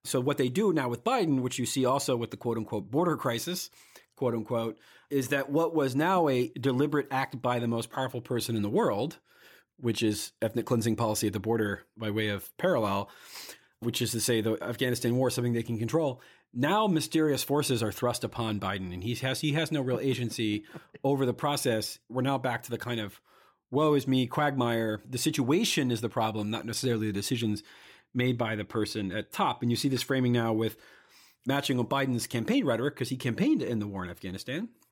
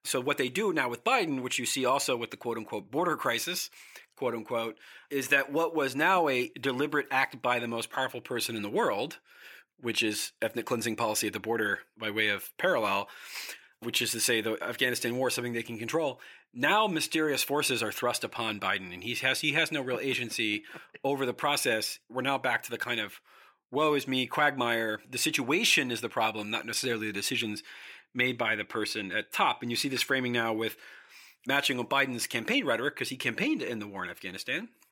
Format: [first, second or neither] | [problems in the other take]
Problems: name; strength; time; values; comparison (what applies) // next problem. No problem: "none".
first | thin; somewhat; fading below 1 kHz